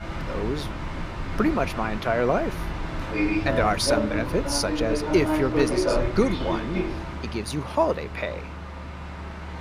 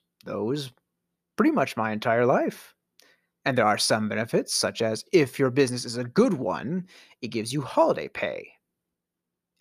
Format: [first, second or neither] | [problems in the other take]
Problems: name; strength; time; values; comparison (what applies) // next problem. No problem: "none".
second | train or aircraft noise; loud; throughout; 3 dB below the speech